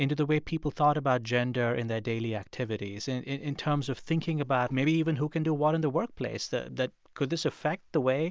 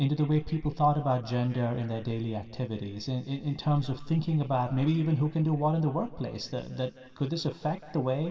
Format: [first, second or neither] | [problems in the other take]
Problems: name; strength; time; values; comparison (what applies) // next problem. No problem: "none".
first | room echo; dies away in 2 s